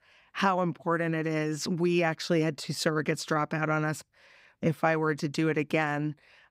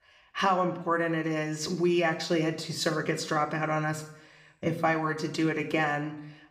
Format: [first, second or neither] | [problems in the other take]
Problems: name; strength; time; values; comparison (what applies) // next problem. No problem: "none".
first | room echo; slight; dies away in 0.6 s